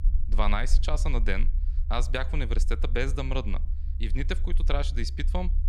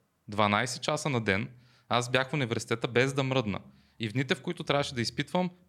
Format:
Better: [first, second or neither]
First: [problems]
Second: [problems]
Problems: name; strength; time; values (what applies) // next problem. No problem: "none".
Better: second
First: low rumble; noticeable; throughout; 20 dB below the speech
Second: none